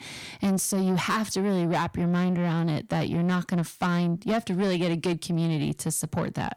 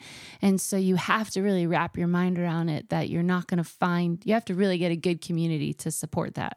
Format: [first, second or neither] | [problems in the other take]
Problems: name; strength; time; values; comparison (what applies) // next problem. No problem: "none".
second | distortion; slight; 10 dB below the speech